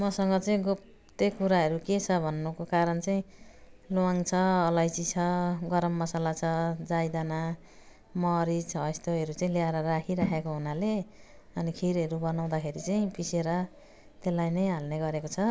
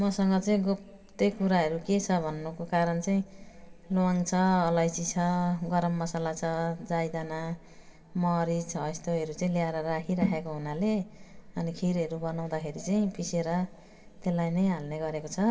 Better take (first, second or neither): first